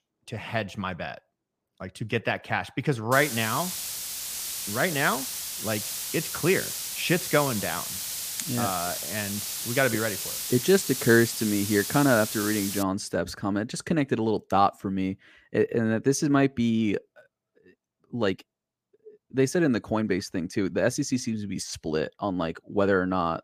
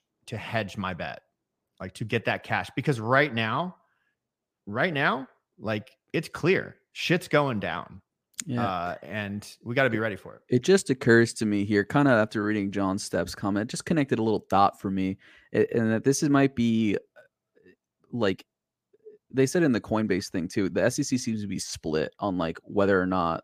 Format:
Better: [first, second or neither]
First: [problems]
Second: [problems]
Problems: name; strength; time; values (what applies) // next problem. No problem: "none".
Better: second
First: hiss; loud; from 3 to 13 s; 4 dB below the speech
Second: none